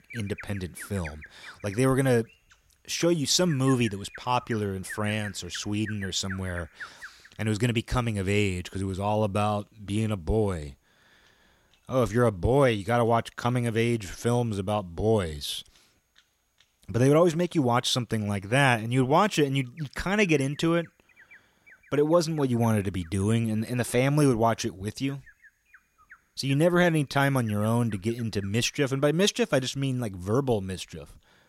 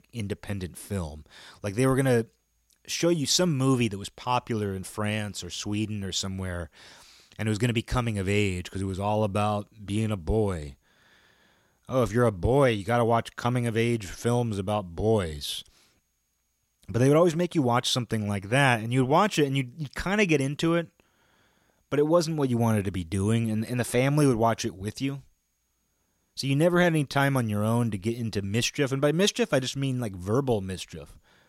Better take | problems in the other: second | animal sounds; faint; throughout; 20 dB below the speech

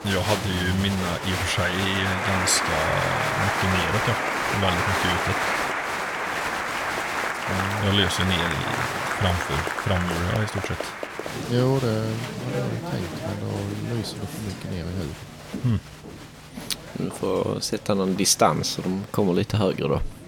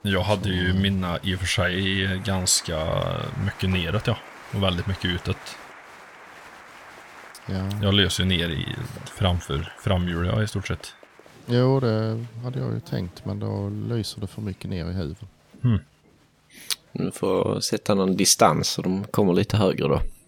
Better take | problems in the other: second | crowd noise; loud; throughout; 1 dB below the speech; faint in the second

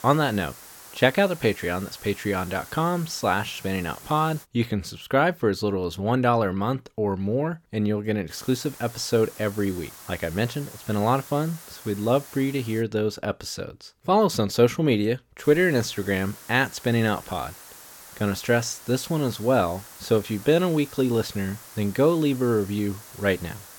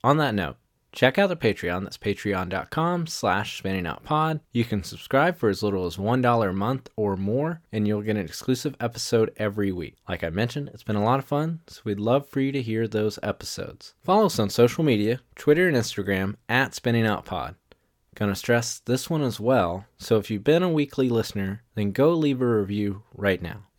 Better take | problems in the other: second | hiss; noticeable; until 4.5 s, from 8.5 to 13 s and from 15 s on; 20 dB below the speech

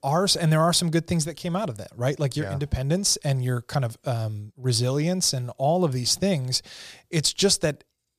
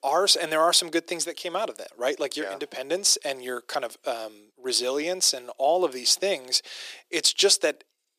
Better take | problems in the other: first | thin; very; fading below 300 Hz

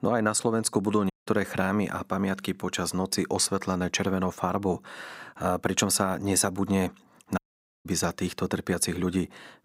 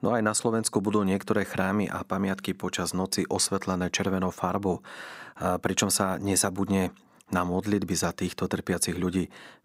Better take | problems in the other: second | audio cutting out; at 1 s and at 7.5 s

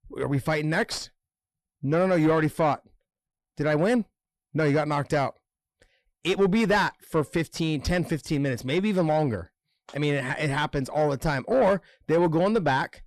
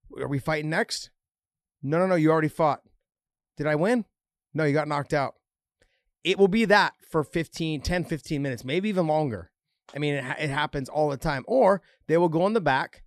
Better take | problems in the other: second | distortion; slight; 10 dB below the speech

